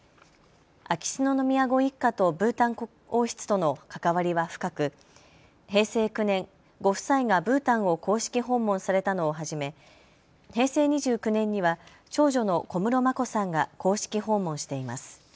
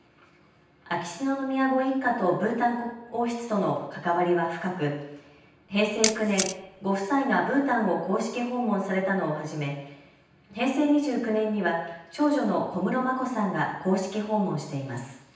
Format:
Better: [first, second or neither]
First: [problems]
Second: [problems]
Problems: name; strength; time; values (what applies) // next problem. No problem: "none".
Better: first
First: none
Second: background sound (Camera); 5 dB below the speech // room echo; dies away in 0.9 s